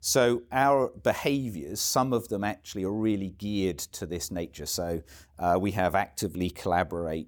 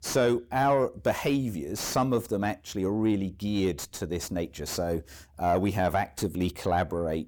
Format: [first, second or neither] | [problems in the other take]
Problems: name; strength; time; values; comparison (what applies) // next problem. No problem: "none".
first | distortion; slight; 10 dB below the speech